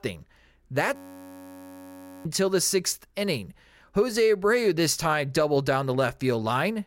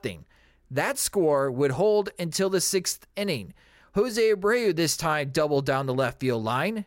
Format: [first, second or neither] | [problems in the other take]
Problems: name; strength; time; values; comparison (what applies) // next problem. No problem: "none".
second | audio freezing; at 1 s for 1.5 s